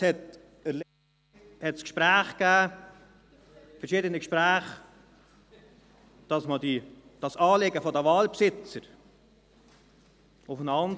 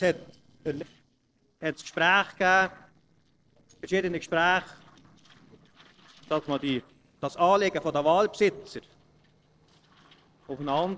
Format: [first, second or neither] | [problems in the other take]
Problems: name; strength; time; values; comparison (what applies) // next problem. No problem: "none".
first | noise reduction (neural separator model SepFormer DNS4)